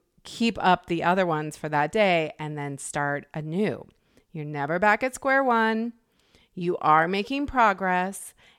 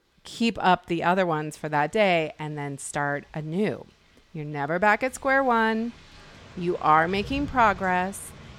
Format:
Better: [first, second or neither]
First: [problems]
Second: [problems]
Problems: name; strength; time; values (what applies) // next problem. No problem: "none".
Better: first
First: none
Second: rain or running water; faint; throughout; 20 dB below the speech